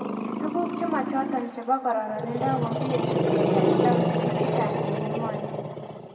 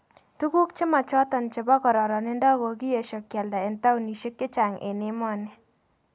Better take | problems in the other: second | background sound (Growling); 4 dB above the speech // room echo; dies away in 1.9 s

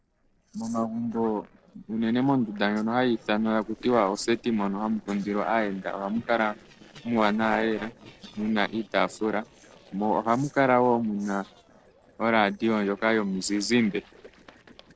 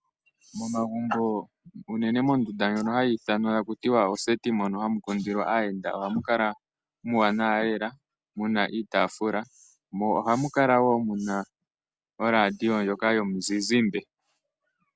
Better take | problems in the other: second | noise reduction (neural separator model SepFormer DNS4)

